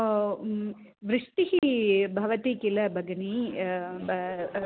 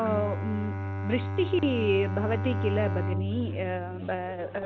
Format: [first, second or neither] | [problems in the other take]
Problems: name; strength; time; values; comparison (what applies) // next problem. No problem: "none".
first | background sound (Bowed string instrument); 2 dB below the speech